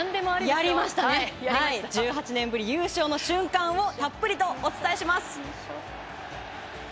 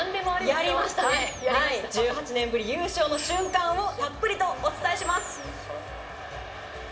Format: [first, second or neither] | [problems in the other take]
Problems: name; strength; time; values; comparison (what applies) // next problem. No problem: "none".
first | background sound (Animal); 18 dB below the speech // room echo; dies away in 2.6 s